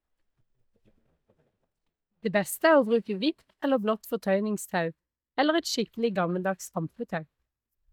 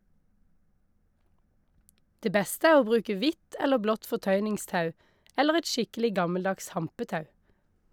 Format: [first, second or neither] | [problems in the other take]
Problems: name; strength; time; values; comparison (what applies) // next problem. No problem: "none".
second | noise reduction (neural mask model DeepFilterNet 3)